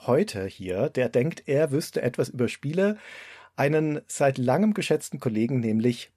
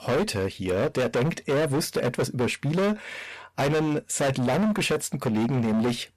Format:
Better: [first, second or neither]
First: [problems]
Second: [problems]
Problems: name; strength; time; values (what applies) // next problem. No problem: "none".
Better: first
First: none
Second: distortion; heavy; 25% of the sound clipped